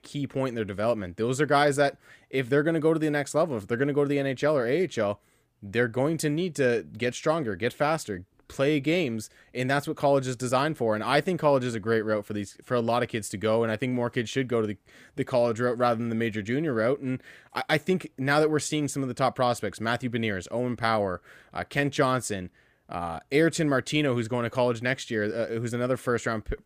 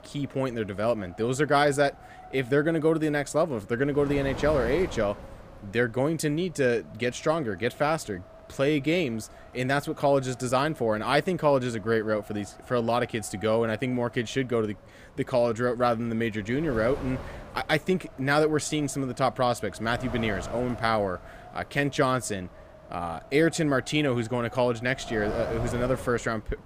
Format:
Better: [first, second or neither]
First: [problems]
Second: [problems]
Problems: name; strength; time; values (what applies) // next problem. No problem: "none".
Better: first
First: none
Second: wind noise on the microphone; occasional gusts; 15 dB below the speech